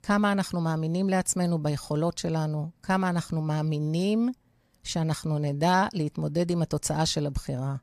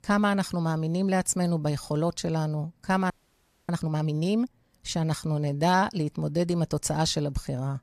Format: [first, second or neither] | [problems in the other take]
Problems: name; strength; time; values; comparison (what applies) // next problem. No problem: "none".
first | audio freezing; at 3 s for 0.5 s